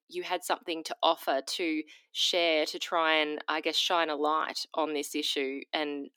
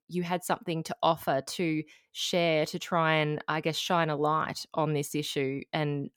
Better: second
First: thin; somewhat; fading below 300 Hz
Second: none

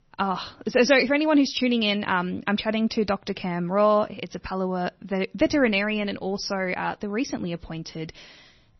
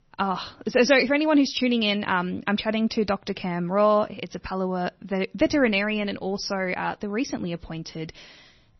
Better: neither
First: garbled, watery; slightly; nothing above 6 kHz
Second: garbled, watery; slightly; nothing above 6 kHz

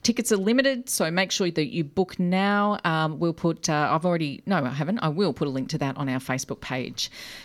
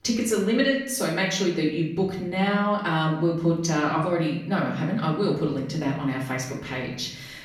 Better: first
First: none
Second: off-mic speech; far // room echo; noticeable; dies away in 0.8 s

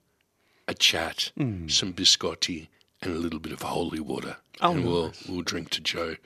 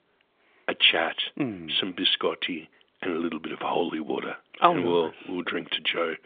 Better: first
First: none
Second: phone-call audio; nothing above 3.5 kHz

